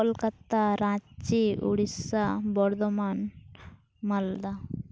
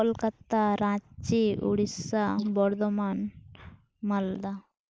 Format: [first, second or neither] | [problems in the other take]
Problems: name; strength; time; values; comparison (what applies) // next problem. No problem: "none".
first | noise reduction (neural mask model Resemble Enhance denoiser)